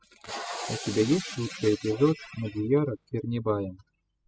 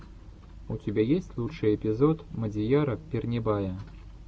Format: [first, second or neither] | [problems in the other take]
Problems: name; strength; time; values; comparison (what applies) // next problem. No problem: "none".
second | noise reduction (classical method spectral subtraction)